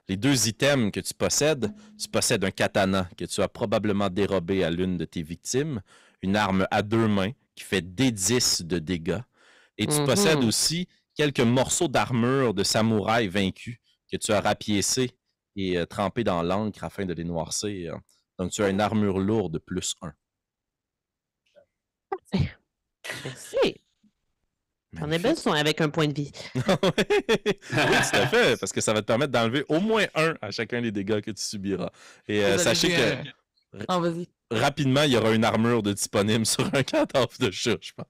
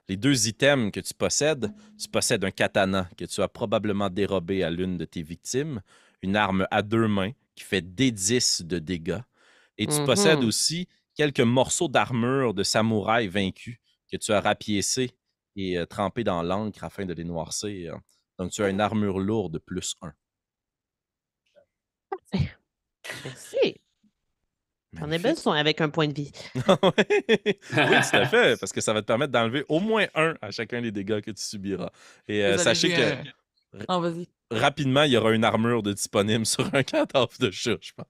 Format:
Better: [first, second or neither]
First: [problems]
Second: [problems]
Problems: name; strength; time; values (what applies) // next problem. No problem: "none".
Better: second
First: distortion; slight; 7% of the sound clipped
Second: none